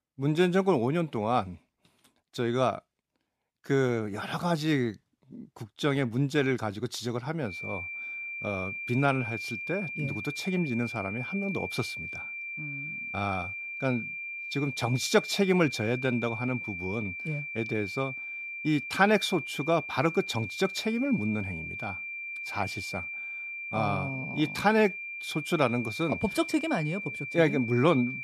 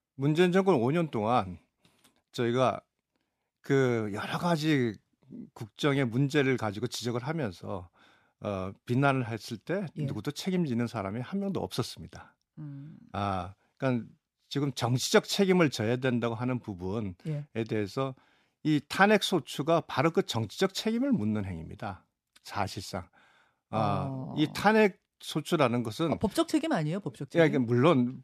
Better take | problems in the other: second | high-pitched whine; loud; from 7.5 s on; 2.5 kHz, 6 dB below the speech

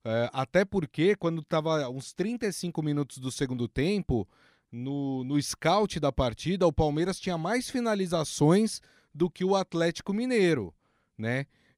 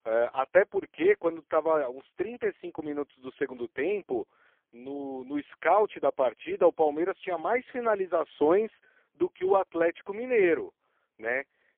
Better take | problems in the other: first | phone-call audio; poor line; nothing above 3.5 kHz

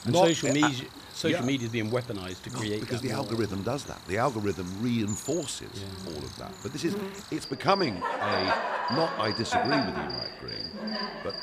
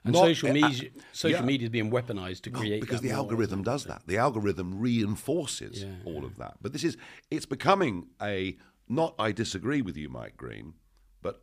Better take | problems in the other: second | animal sounds; loud; throughout; 4 dB below the speech

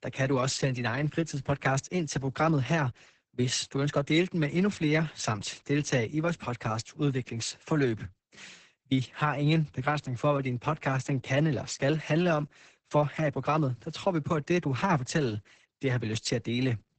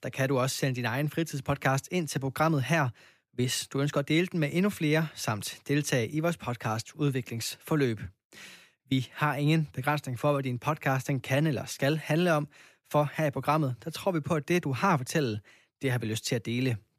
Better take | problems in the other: second | garbled, watery; badly; nothing above 8 kHz

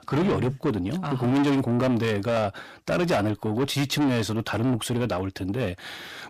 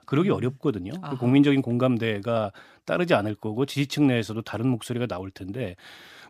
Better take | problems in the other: second | distortion; heavy; 6 dB below the speech

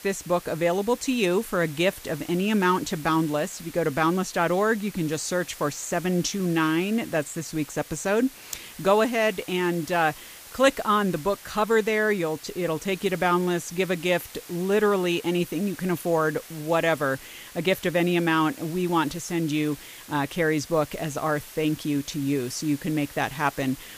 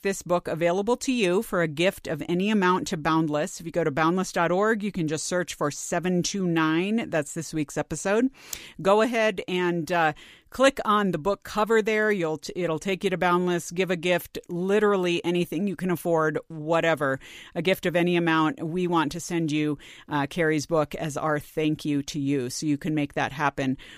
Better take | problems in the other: second | hiss; noticeable; throughout; 15 dB below the speech

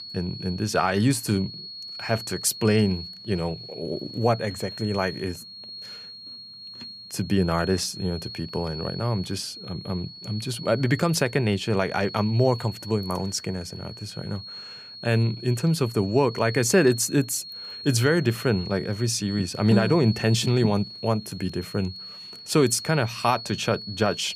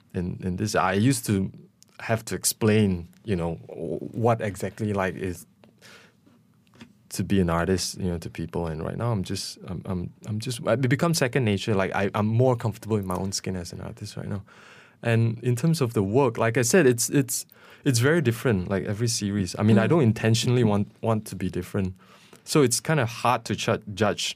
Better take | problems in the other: second | high-pitched whine; noticeable; throughout; 4.5 kHz, 10 dB below the speech

